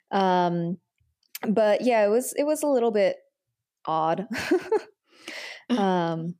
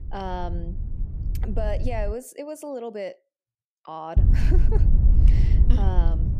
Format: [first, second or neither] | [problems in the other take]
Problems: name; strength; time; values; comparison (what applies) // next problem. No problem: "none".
first | wind noise on the microphone; heavy; until 2 s and from 4 s on; 7 dB below the speech